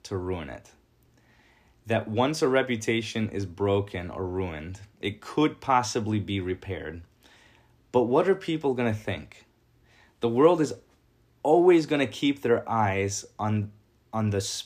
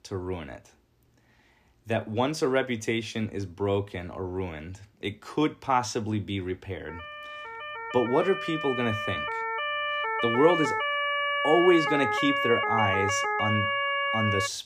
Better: first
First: none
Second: siren; loud; from 7 s on; peak 3 dB above the speech

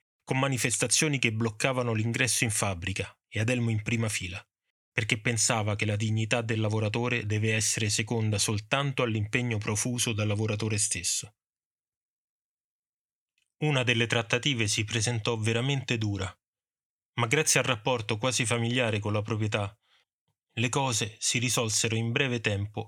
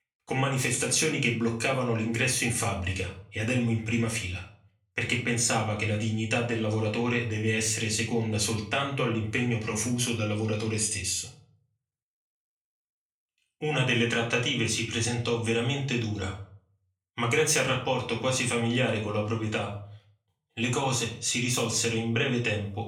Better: first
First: none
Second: room echo; slight; dies away in 0.4 s // off-mic speech; far

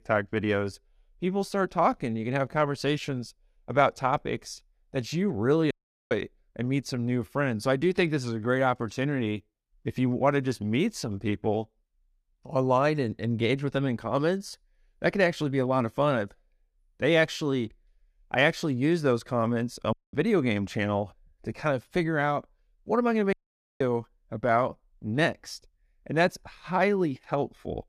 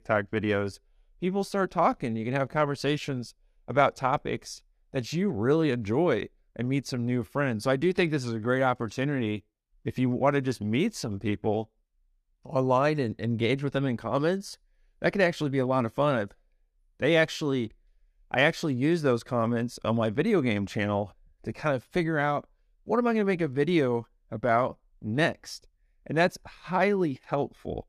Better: second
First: audio cutting out; at 5.5 s, at 20 s and at 23 s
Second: none

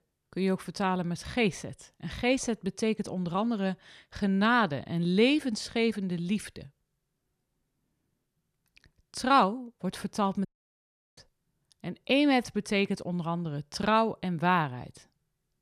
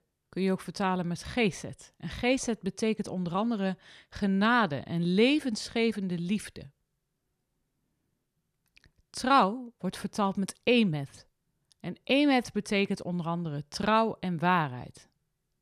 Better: second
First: audio cutting out; at 10 s for 0.5 s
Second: none

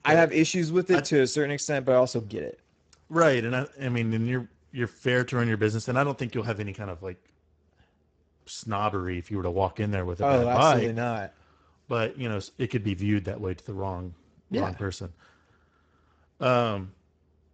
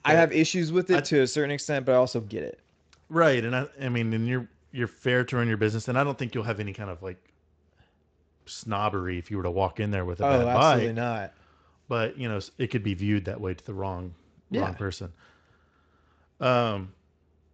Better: second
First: garbled, watery; badly; nothing above 7.5 kHz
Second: garbled, watery; slightly; nothing above 7.5 kHz

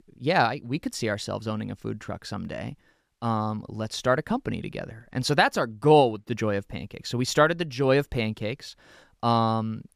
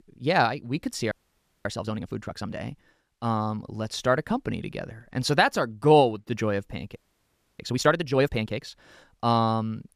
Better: first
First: none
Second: audio freezing; at 1 s for 0.5 s and at 7 s for 0.5 s

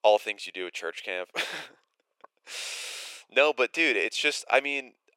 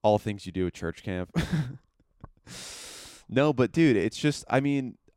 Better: second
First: thin; very; fading below 500 Hz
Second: none

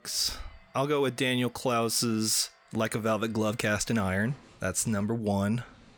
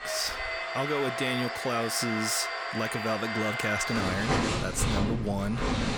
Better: first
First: household noises; faint; throughout; 30 dB below the speech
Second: household noises; loud; throughout; as loud as the speech

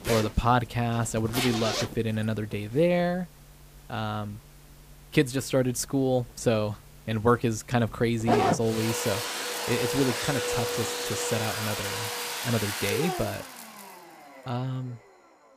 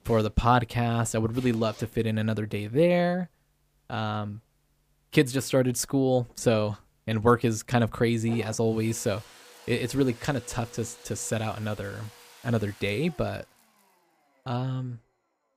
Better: second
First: household noises; loud; throughout; 2 dB below the speech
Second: household noises; faint; throughout; 20 dB below the speech

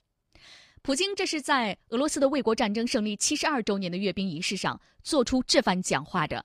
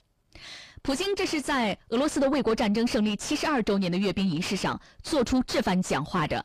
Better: first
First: none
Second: distortion; heavy; 5 dB below the speech

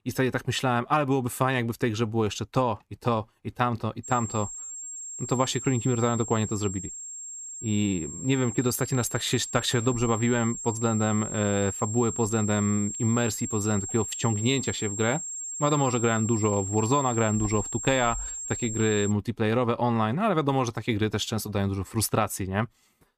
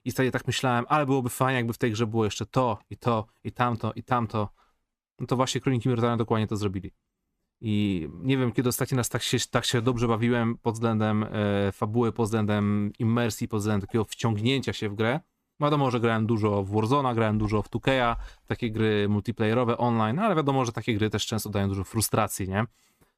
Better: second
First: high-pitched whine; loud; from 4 to 19 s; 7.5 kHz, 7 dB below the speech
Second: none

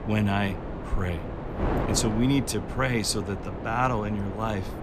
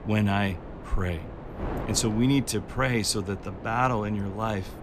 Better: second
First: wind noise on the microphone; heavy; 7 dB below the speech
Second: wind noise on the microphone; occasional gusts; 15 dB below the speech

